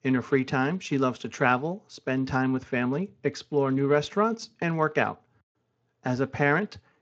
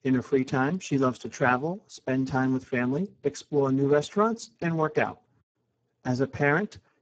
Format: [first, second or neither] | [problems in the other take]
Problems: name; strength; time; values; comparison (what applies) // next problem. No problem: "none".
first | garbled, watery; badly; nothing above 7.5 kHz; slightly in the first